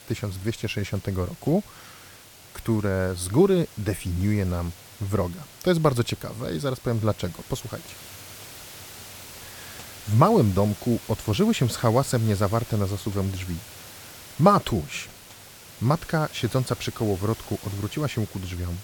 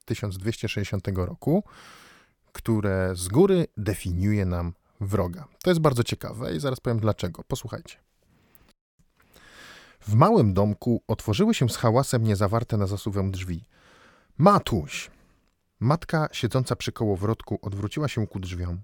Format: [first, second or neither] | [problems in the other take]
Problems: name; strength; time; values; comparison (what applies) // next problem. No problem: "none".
second | hiss; noticeable; throughout; 15 dB below the speech